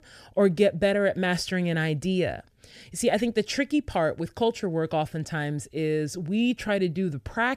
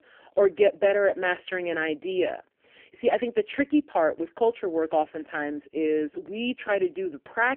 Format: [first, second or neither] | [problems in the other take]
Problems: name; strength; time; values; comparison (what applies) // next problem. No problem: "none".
first | phone-call audio; poor line; nothing above 3 kHz